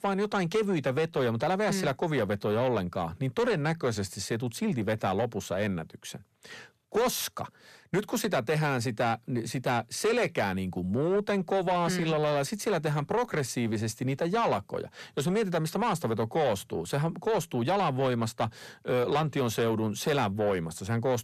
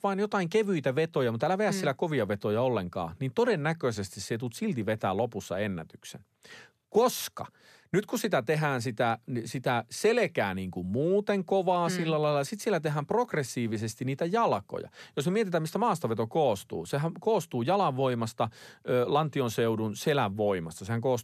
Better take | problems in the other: second | distortion; slight; 10 dB below the speech

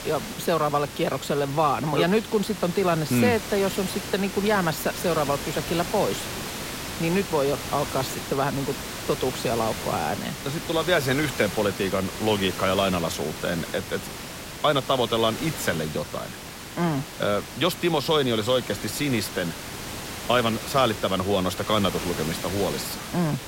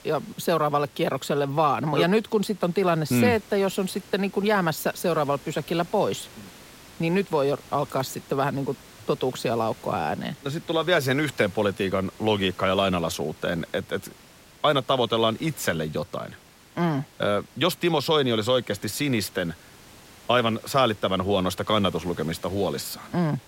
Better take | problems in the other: second | hiss; loud; throughout; 8 dB below the speech; faint in the second

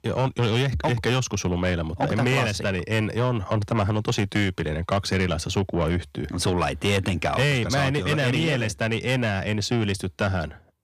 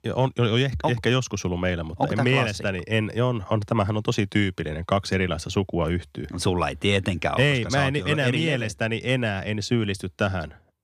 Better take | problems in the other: second | distortion; slight; 10 dB below the speech

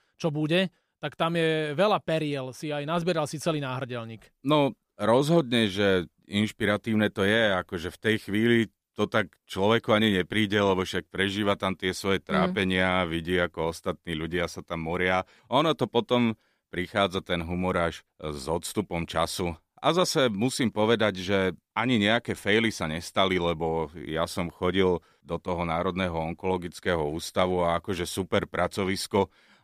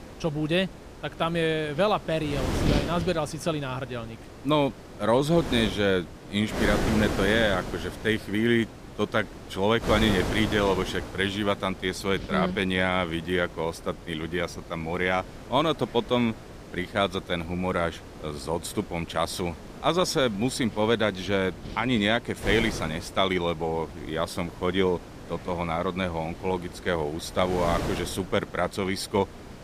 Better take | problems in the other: first | wind noise on the microphone; occasional gusts; 10 dB below the speech

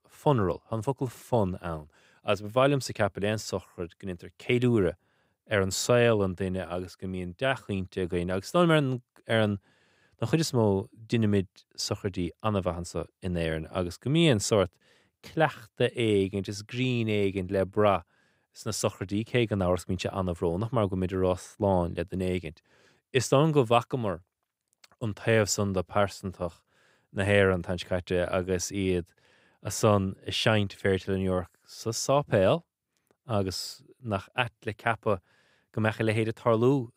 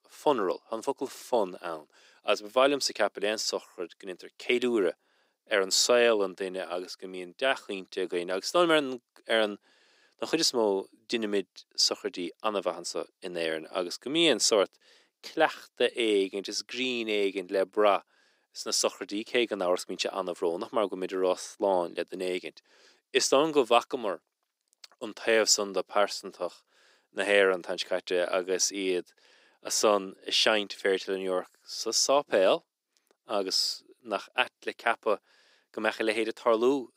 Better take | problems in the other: first | thin; somewhat; fading below 300 Hz

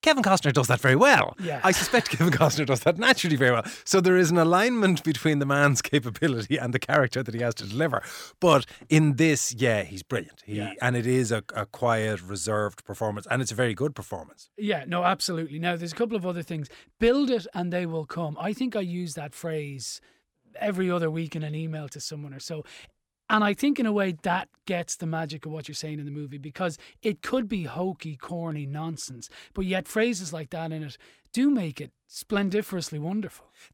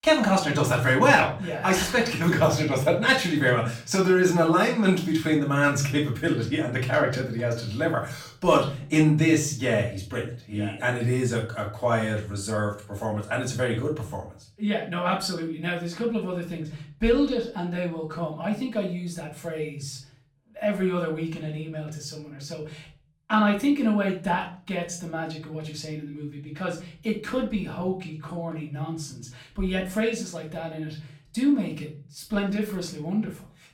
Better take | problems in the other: first | off-mic speech; far // room echo; slight; dies away in 0.4 s

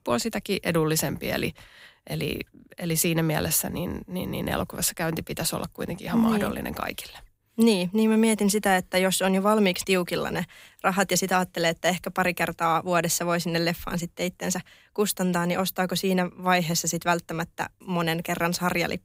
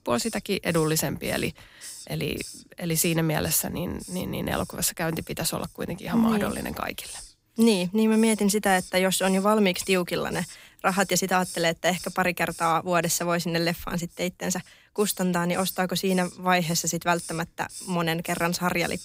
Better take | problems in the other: first | hiss; noticeable; throughout; 15 dB below the speech

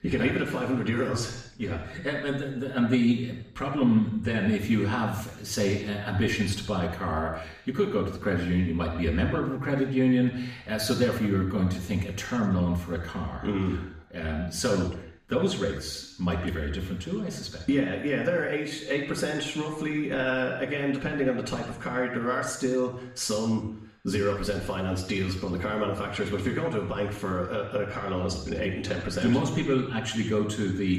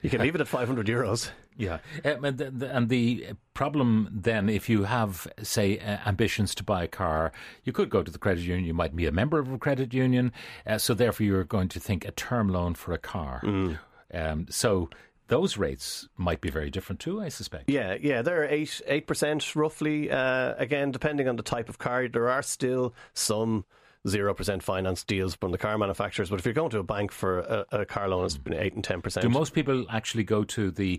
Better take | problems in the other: second | room echo; noticeable; dies away in 0.7 s // off-mic speech; far

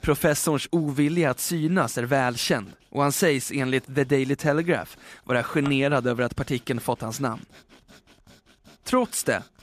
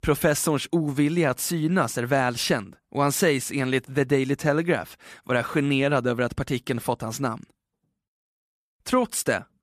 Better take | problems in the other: second | machinery noise; faint; throughout; 25 dB below the speech

